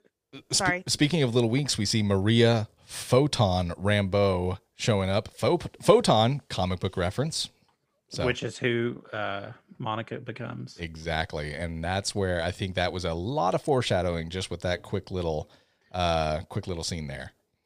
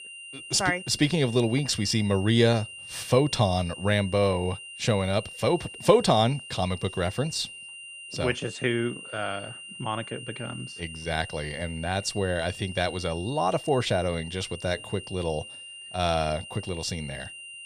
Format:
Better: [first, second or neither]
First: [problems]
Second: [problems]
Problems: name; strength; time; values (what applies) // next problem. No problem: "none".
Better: first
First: none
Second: high-pitched whine; noticeable; throughout; 3 kHz, 15 dB below the speech